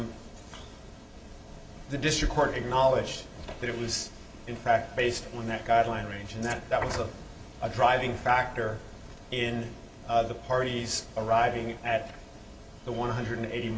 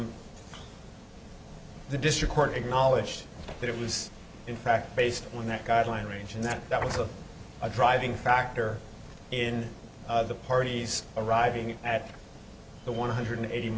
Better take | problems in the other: second | room echo; dies away in 1.1 s

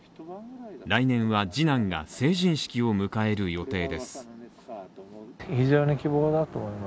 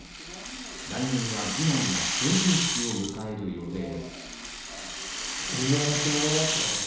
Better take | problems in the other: first | background sound (Rattle (instrument)); 1 dB below the speech // room echo; dies away in 1 s

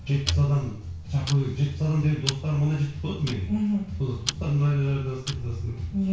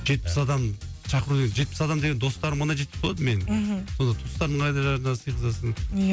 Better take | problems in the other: second | background sound (Tick-tock); 14 dB below the speech // room echo; dies away in 0.6 s

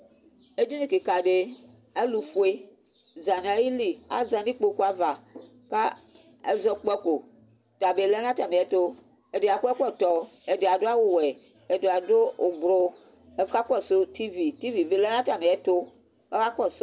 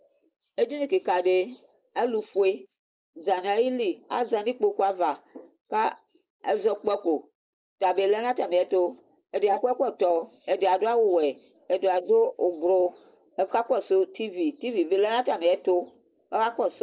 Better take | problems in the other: first | noise reduction (neural mask model Resemble Enhance denoiser)

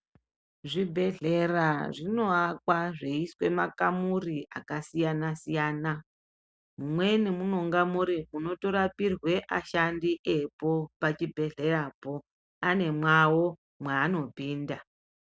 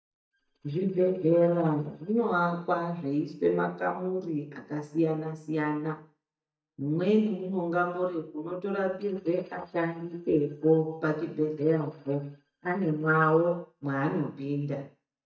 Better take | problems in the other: first | noise reduction (neural mask model DeepFilterNet 3)

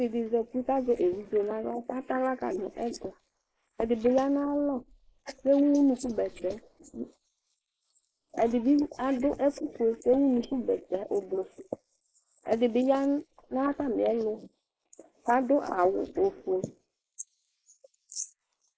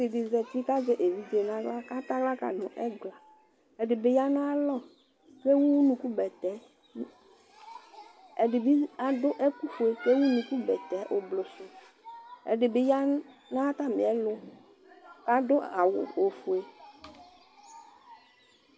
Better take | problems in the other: second | noise reduction (neural mask model Resemble Enhance denoiser)

